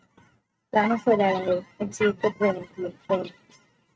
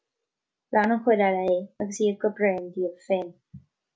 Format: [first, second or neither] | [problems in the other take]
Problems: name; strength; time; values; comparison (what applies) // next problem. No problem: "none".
second | noise reduction (neural mask model RNNoise)